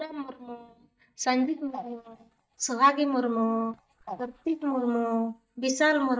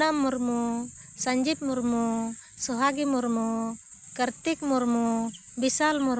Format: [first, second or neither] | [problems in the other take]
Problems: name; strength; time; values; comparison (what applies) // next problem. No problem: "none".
second | noise reduction (neural mask model DeepFilterNet 3)